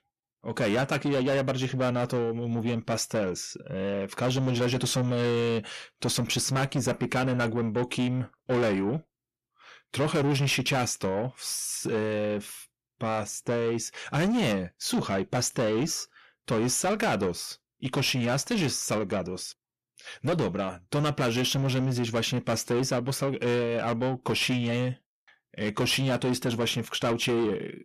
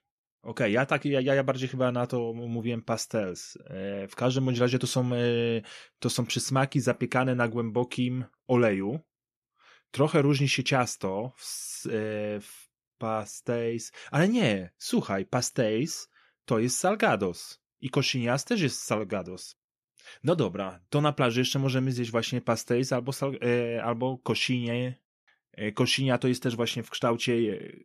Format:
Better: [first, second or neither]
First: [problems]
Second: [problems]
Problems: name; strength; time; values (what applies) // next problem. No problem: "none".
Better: second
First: distortion; heavy; 8 dB below the speech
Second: none